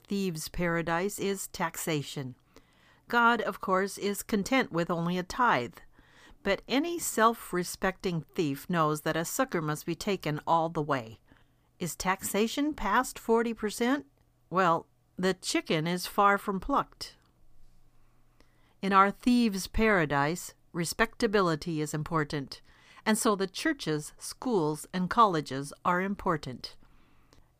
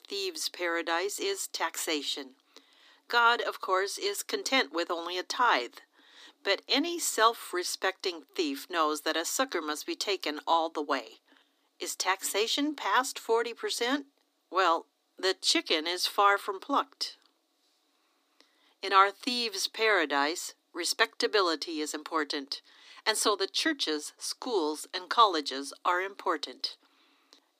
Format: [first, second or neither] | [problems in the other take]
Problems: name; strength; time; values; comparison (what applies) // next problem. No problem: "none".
first | thin; somewhat; fading below 300 Hz